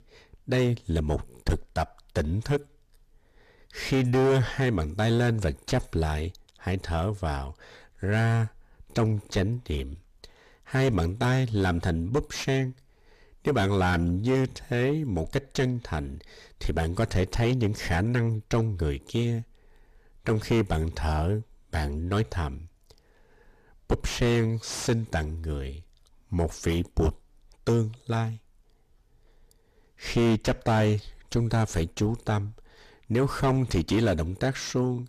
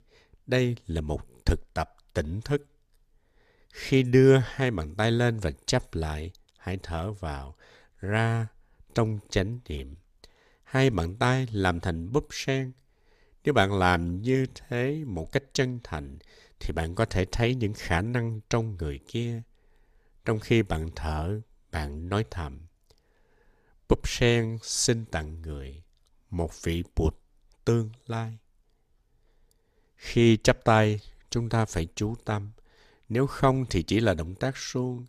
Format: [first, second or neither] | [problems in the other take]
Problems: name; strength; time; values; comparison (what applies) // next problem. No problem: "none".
second | distortion; heavy; 6 dB below the speech